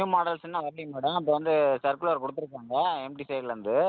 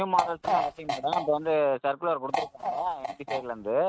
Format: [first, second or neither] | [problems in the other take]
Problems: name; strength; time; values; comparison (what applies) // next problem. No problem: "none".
first | noise reduction (neural mask model RNNoise)